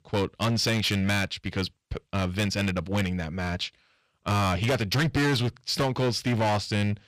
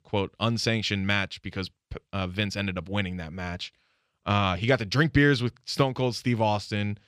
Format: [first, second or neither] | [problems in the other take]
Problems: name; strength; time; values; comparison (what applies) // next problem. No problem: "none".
second | distortion; heavy; 16% of the sound clipped